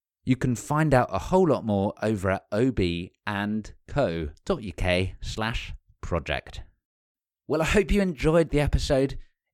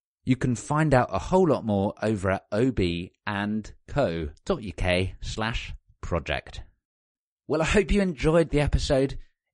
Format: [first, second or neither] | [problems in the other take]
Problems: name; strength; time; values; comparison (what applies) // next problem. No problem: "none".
first | garbled, watery; slightly; nothing above 10.5 kHz